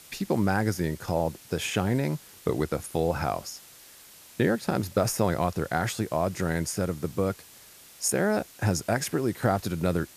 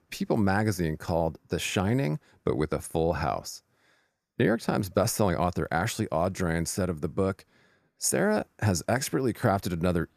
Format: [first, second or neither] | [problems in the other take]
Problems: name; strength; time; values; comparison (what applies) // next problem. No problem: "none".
second | hiss; noticeable; throughout; 20 dB below the speech